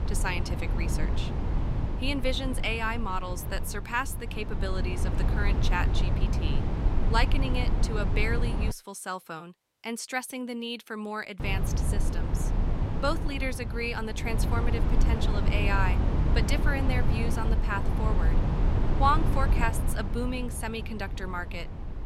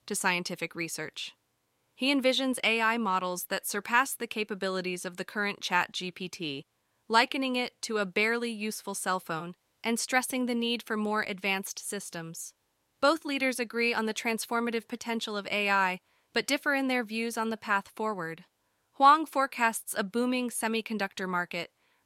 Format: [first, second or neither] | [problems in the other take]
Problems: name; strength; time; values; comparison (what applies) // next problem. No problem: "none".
second | low rumble; loud; until 8.5 s and from 11 s on; 7 dB below the speech